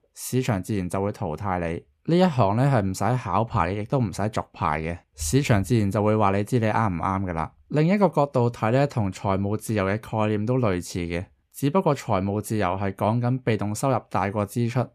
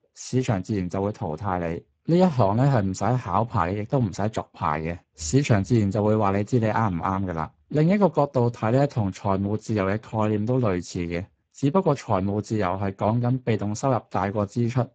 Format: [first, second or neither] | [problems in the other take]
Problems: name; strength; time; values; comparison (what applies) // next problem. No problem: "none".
first | garbled, watery; badly; nothing above 7.5 kHz